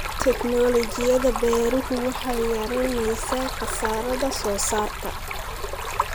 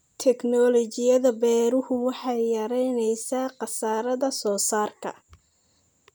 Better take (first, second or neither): second